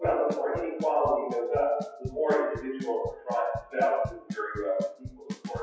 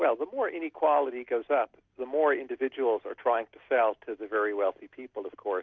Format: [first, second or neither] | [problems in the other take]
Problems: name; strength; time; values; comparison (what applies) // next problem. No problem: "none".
second | noise reduction (classical method WPE with log-MMSE)